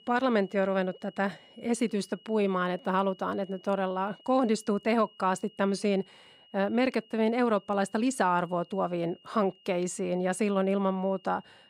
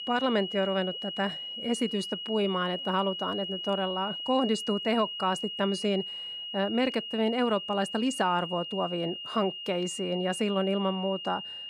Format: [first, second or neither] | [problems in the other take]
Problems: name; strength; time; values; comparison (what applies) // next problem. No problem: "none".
first | high-pitched whine; loud; throughout; 3 kHz, 6 dB below the speech; faint in the first